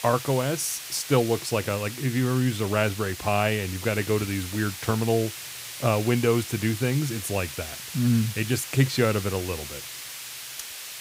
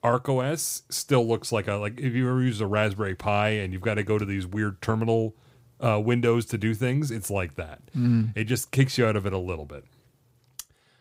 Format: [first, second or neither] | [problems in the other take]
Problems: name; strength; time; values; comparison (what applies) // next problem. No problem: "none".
second | hiss; loud; throughout; 9 dB below the speech